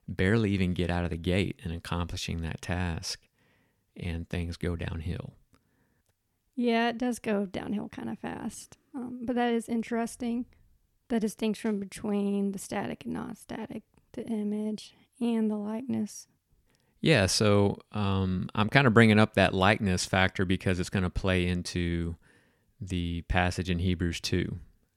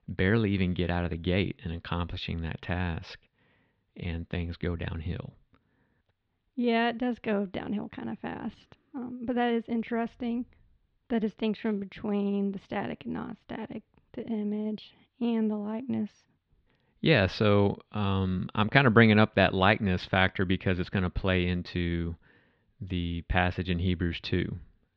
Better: first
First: none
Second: muffled; slightly; fading above 4 kHz

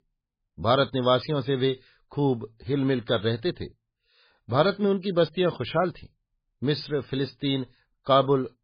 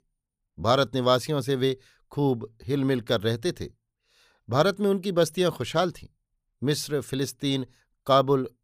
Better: second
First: garbled, watery; badly; nothing above 5 kHz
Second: none

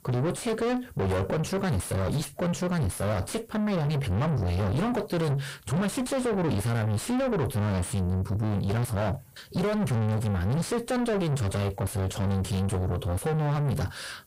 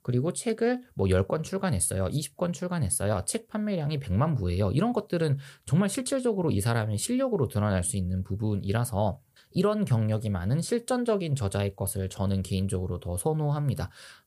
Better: second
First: distortion; heavy; 5 dB below the speech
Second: none

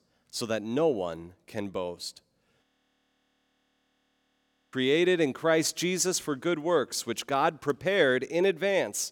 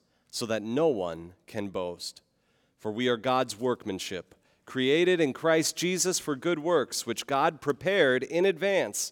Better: second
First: audio freezing; at 2.5 s for 2 s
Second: none

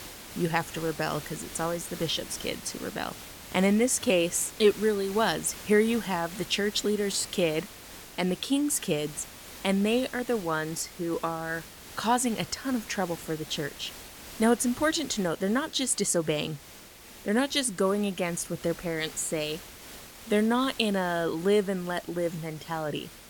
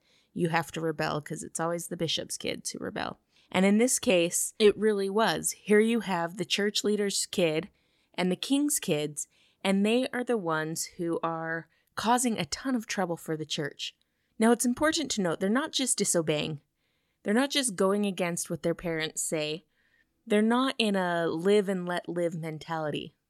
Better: second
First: hiss; noticeable; throughout; 15 dB below the speech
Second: none

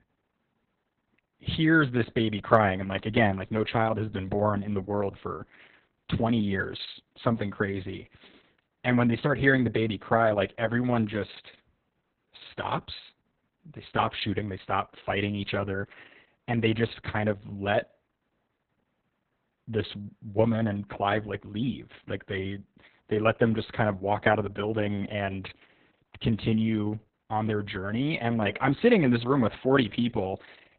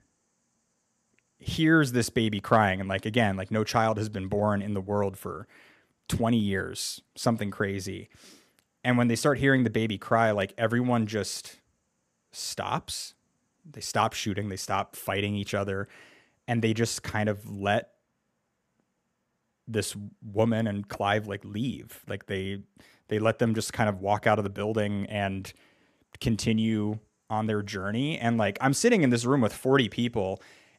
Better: second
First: garbled, watery; badly; nothing above 4 kHz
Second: none

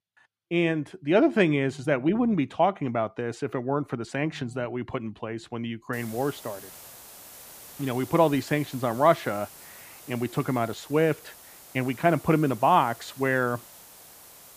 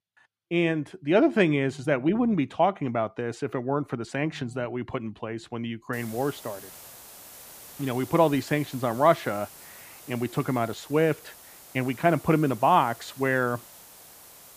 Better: neither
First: hiss; noticeable; from 6 s on; 20 dB below the speech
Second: hiss; noticeable; from 6 s on; 20 dB below the speech

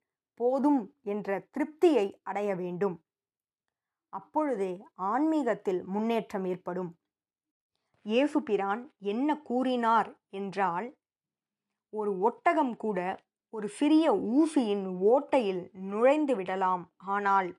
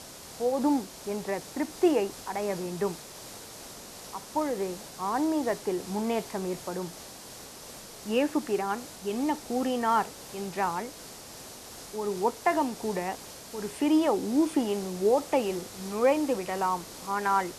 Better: first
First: none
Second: hiss; noticeable; throughout; 15 dB below the speech

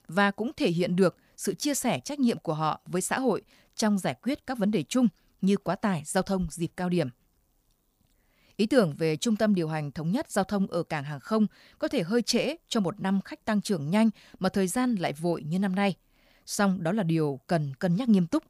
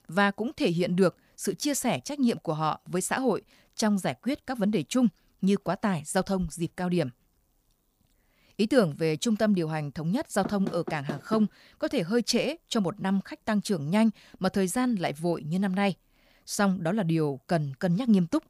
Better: first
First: none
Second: door banging; noticeable; at 10 s; peak 9 dB below the speech

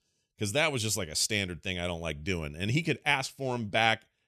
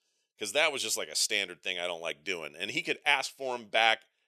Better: first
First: none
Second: thin; very; fading below 500 Hz

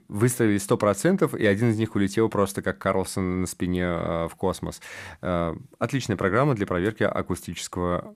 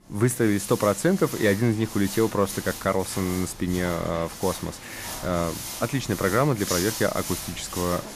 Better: first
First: none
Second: footsteps; noticeable; peak 2 dB below the speech

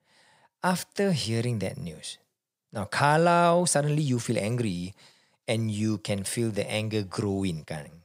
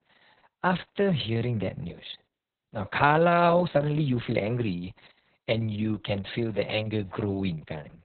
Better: first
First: none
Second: garbled, watery; badly; nothing above 4 kHz

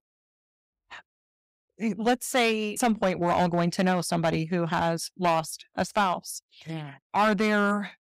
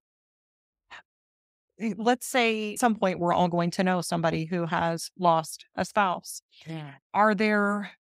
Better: second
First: distortion; slight; 4% of the sound clipped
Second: none

